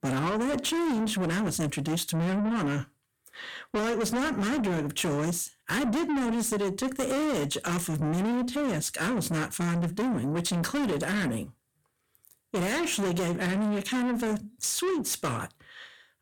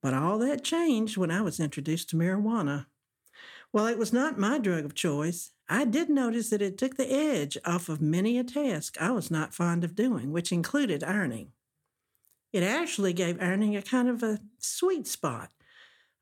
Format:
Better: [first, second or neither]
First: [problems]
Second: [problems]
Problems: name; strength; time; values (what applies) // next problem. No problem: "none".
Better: second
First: distortion; heavy; 6 dB below the speech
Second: none